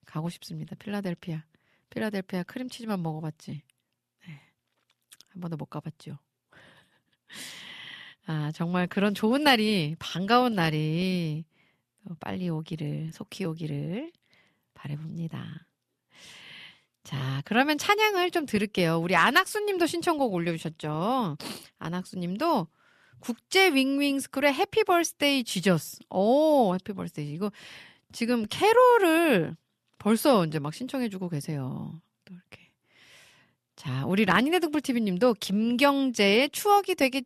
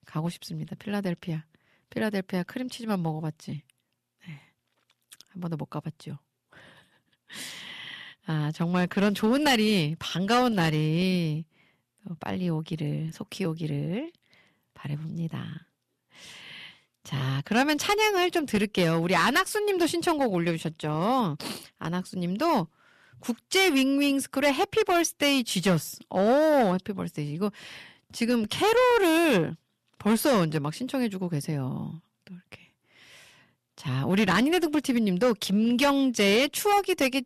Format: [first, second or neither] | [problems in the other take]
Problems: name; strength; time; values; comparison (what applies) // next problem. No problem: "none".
first | distortion; slight; 4% of the sound clipped